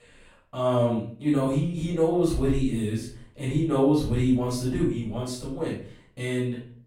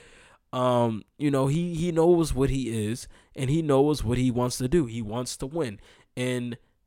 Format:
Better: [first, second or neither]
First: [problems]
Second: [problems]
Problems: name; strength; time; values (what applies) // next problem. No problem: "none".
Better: second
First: off-mic speech; far // room echo; noticeable; dies away in 0.4 s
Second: none